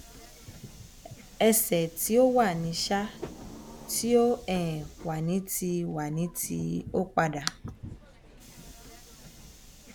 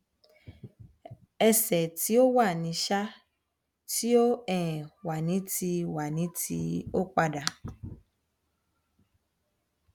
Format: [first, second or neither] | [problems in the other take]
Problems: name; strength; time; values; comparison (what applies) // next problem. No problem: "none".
second | background sound (Subway, metro, underground); 18 dB below the speech